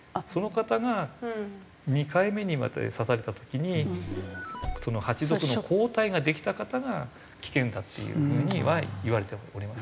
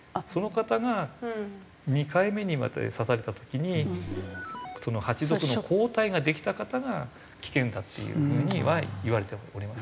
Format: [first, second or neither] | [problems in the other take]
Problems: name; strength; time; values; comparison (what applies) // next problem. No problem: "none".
second | background sound (Slam / Car); 11 dB below the speech